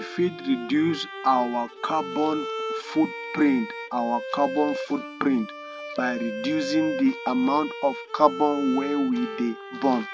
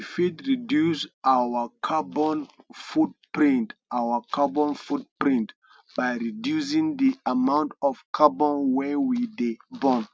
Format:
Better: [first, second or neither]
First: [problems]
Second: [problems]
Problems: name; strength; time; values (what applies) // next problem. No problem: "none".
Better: second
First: background sound (Bowed string instrument); 9 dB below the speech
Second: none